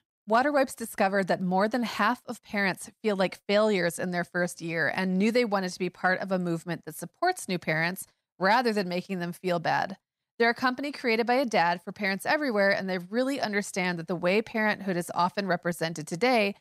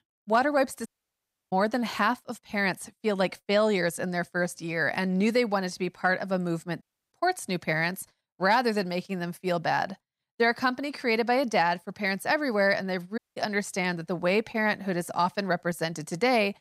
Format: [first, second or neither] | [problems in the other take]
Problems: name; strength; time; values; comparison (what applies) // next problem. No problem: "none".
first | audio cutting out; at 1 s for 0.5 s, at 7 s and at 13 s